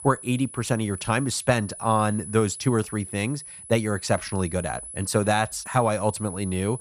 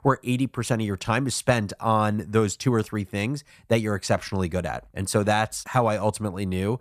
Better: second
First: high-pitched whine; noticeable; throughout; 10 kHz, 10 dB below the speech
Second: none

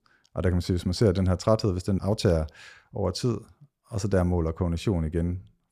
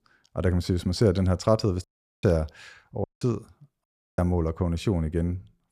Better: first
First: none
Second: audio cutting out; at 2 s, at 3 s and at 4 s

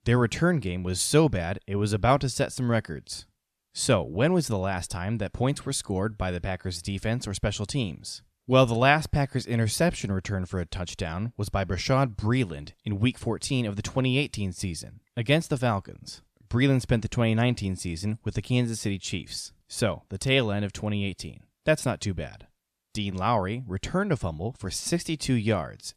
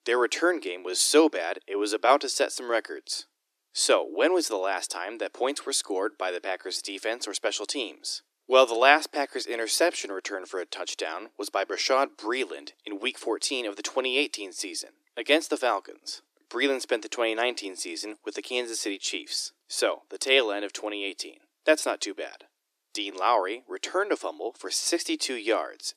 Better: first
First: none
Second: thin; very; fading below 300 Hz

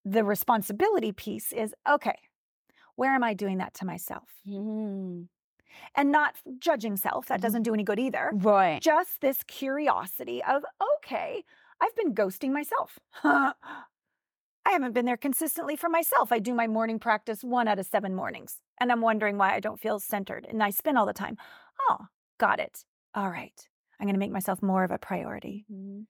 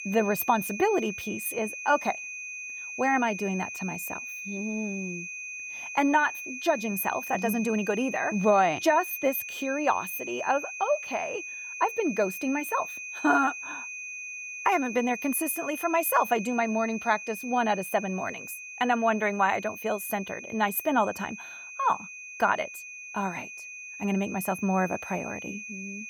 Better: first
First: none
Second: high-pitched whine; loud; throughout; 2.5 kHz, 9 dB below the speech

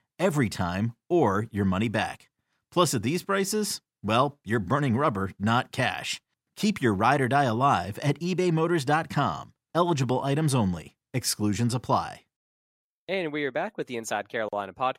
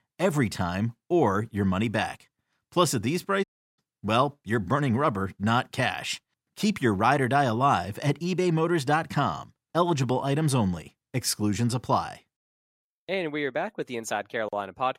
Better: first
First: none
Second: audio cutting out; at 3.5 s

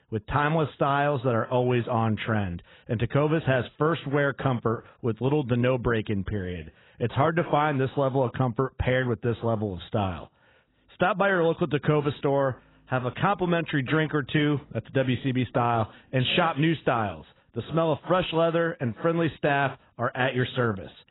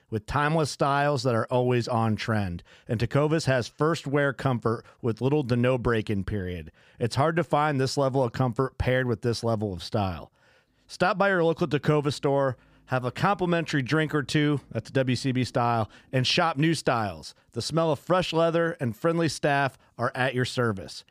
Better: second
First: garbled, watery; badly; nothing above 4 kHz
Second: none

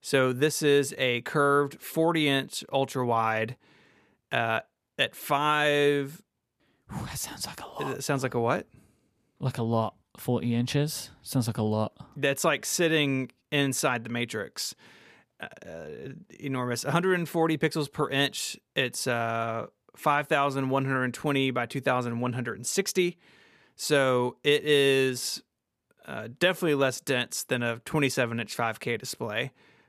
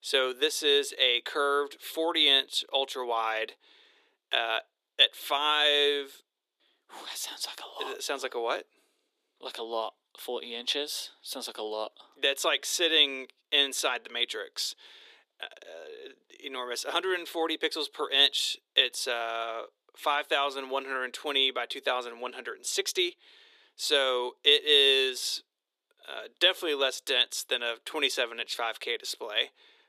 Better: first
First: none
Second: thin; very; fading below 350 Hz

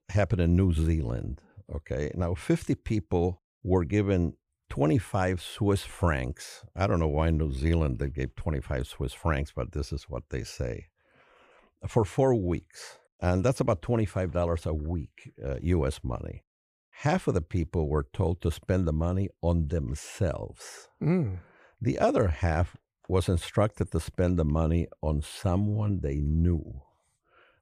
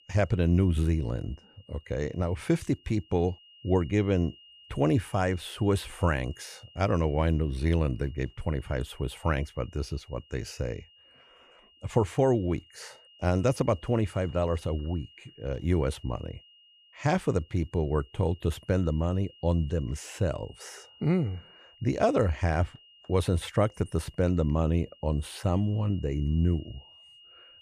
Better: first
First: none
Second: high-pitched whine; faint; throughout; 3 kHz, 25 dB below the speech

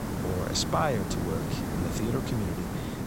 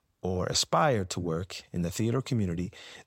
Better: second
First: hiss; loud; throughout; 1 dB below the speech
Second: none

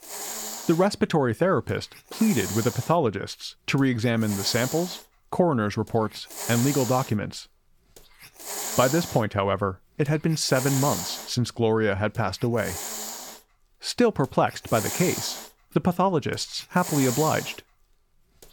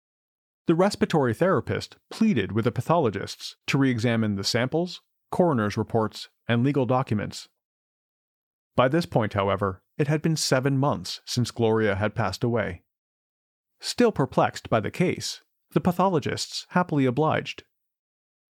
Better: second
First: hiss; loud; throughout; 7 dB below the speech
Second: none

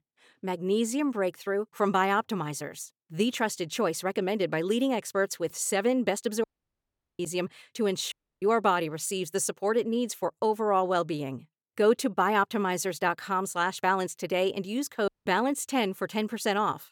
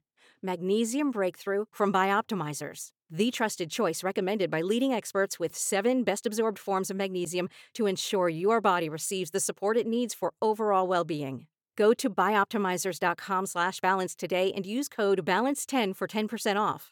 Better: second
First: audio cutting out; at 6.5 s for 1 s, at 8 s and at 15 s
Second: none

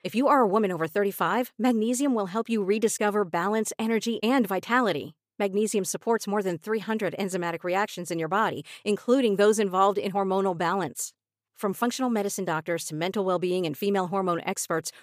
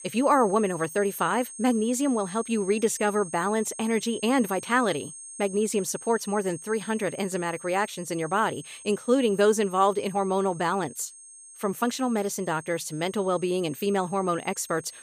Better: first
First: none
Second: high-pitched whine; noticeable; throughout; 8.5 kHz, 15 dB below the speech

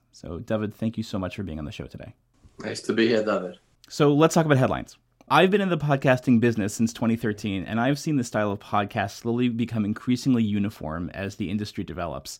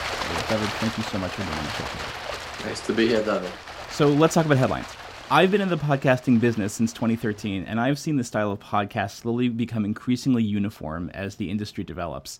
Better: first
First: none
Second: rain or running water; loud; throughout; 9 dB below the speech

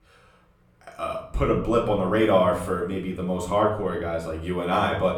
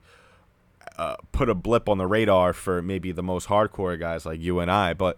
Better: second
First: room echo; slight; dies away in 0.5 s // off-mic speech; far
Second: none

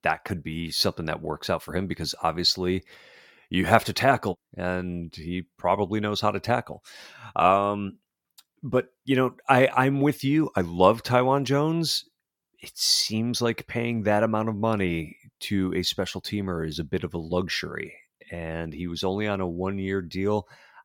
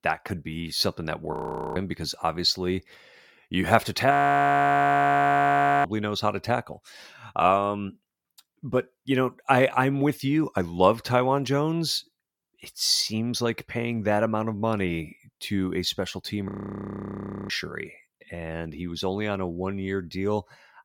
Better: first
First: none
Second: audio freezing; at 1.5 s, at 4 s for 1.5 s and at 16 s for 1 s

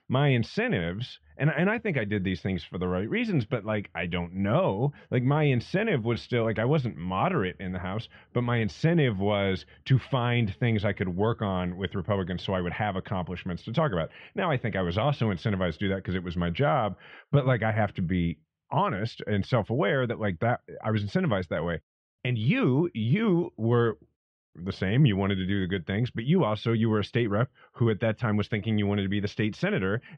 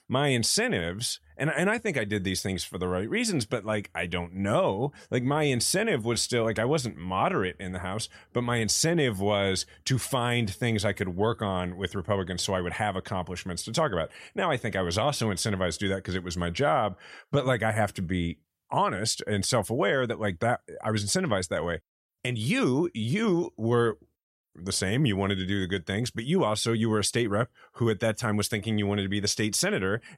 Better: second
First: muffled; very; fading above 3 kHz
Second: none

